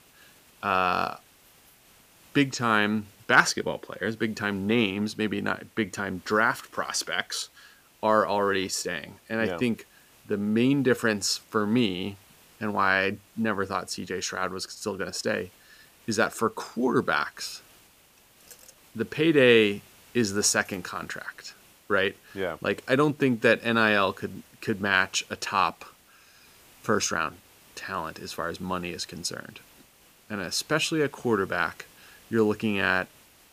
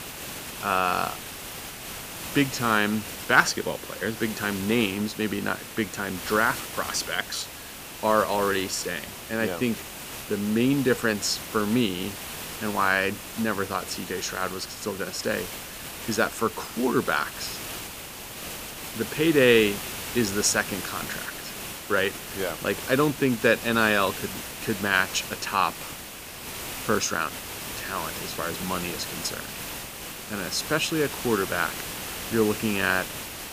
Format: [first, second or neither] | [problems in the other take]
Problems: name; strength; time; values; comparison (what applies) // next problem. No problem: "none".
first | hiss; loud; throughout; 8 dB below the speech; faint in the first